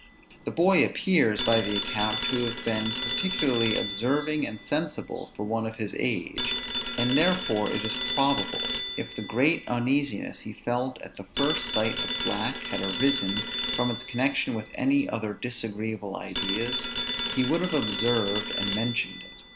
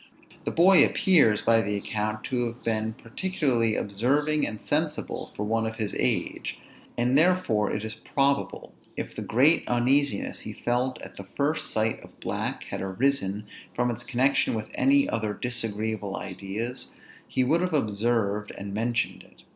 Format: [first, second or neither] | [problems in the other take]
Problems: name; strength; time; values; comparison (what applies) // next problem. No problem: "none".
second | background sound (Telephone); 5 dB below the speech